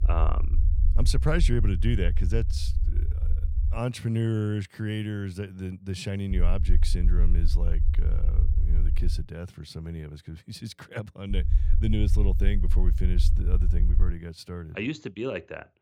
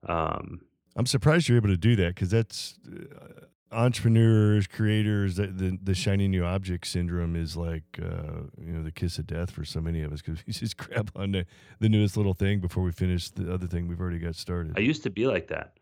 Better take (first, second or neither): second